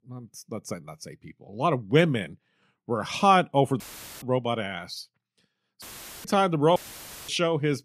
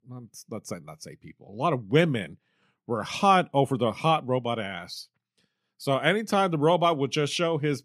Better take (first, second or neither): second